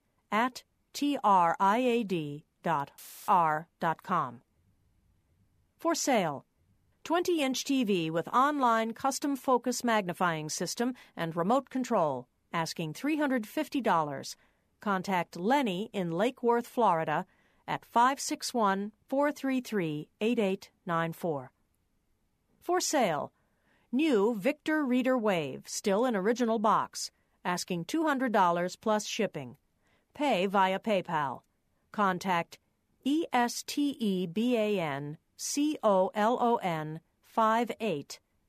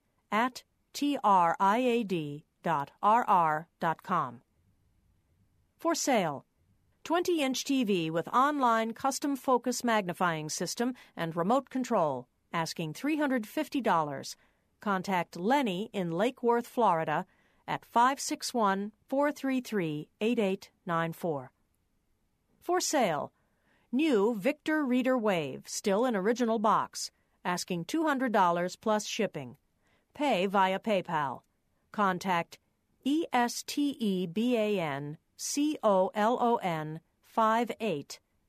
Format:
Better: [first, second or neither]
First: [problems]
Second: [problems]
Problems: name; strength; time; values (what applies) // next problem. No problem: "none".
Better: second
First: audio cutting out; filled with static; at 3 s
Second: none